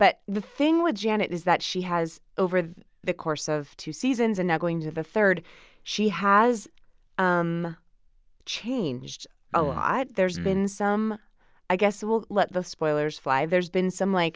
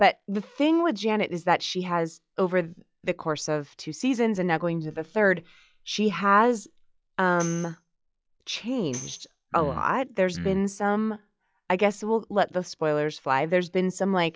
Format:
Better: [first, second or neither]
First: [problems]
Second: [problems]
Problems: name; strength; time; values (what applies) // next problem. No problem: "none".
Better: first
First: none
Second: noise reduction (classical method log-MMSE)